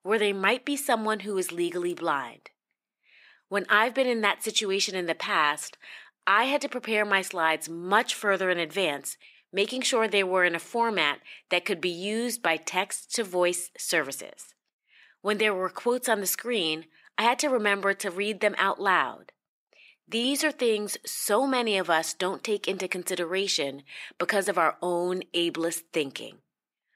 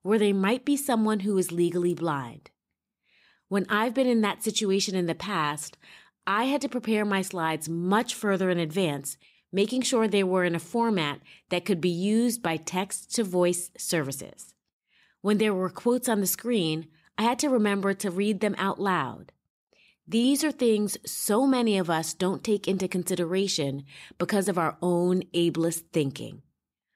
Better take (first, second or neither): second